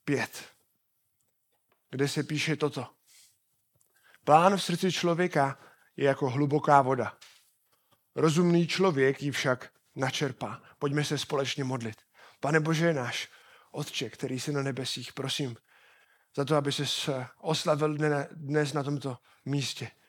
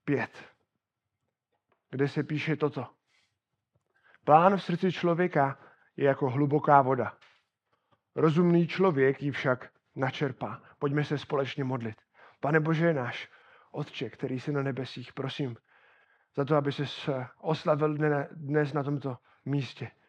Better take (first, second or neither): first